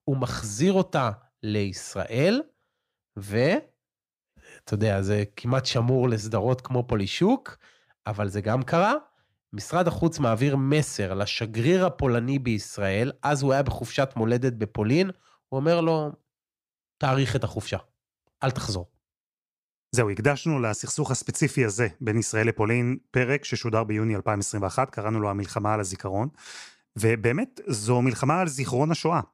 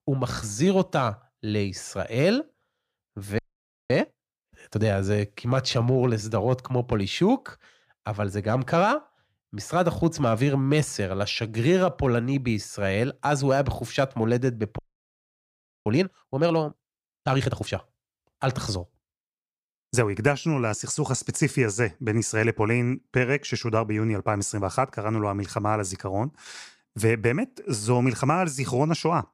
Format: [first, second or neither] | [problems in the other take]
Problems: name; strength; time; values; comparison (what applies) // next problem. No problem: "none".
first | audio freezing; at 3.5 s for 0.5 s and at 15 s for 1 s